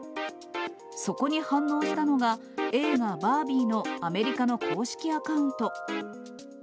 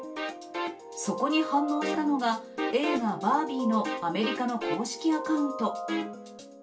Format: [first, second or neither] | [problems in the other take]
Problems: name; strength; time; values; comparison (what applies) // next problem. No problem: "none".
first | room echo; dies away in 0.2 s